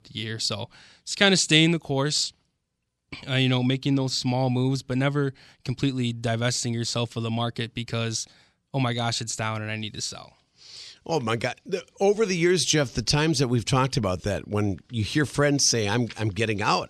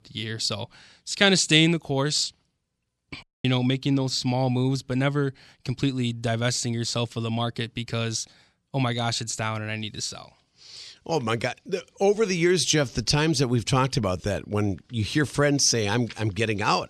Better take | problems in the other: first | audio cutting out; at 3 s

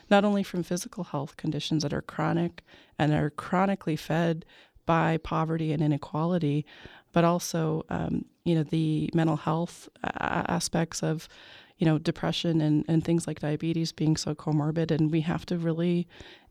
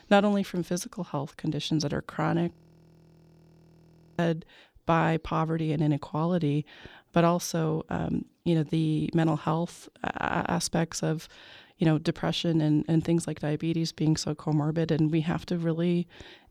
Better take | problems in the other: first | audio freezing; at 2.5 s for 1.5 s

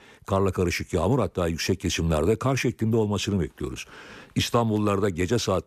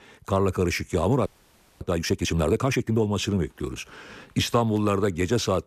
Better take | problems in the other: first | audio freezing; at 1.5 s for 0.5 s

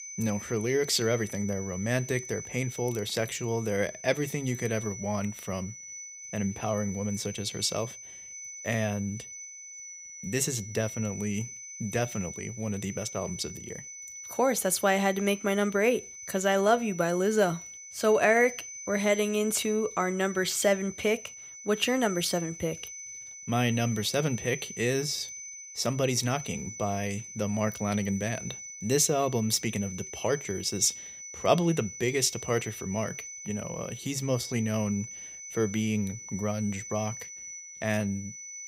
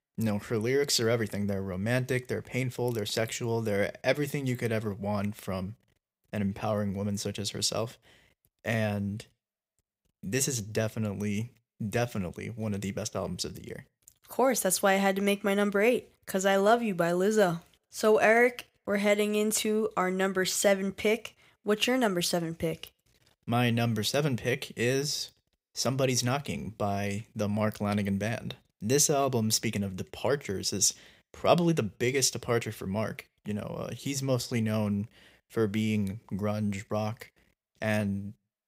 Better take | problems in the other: second | high-pitched whine; noticeable; throughout; 6 kHz, 10 dB below the speech

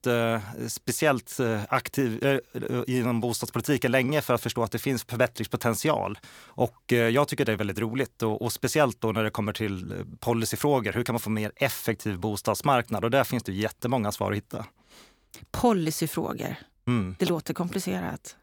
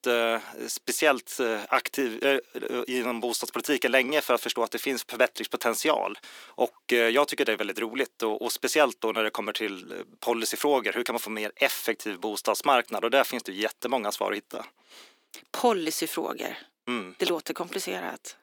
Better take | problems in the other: first | thin; somewhat; fading below 300 Hz

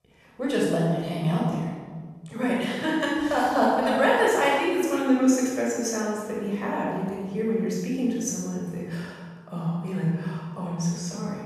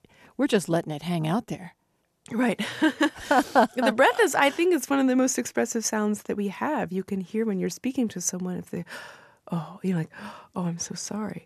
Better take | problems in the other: second | off-mic speech; far // room echo; strong; dies away in 1.5 s

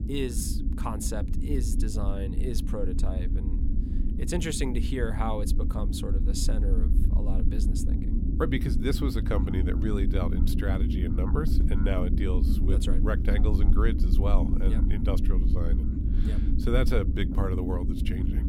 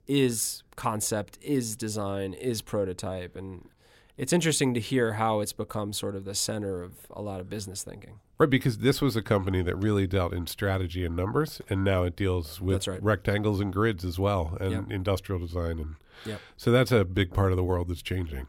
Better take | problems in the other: second | low rumble; loud; throughout; 5 dB below the speech

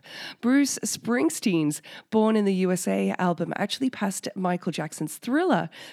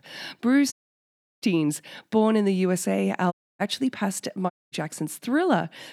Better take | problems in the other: first | audio cutting out; at 0.5 s for 0.5 s, at 3.5 s and at 4.5 s

